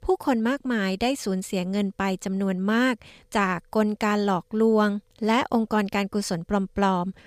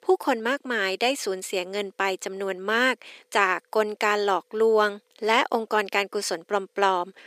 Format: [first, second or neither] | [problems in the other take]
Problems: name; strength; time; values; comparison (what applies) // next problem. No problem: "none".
first | thin; somewhat; fading below 350 Hz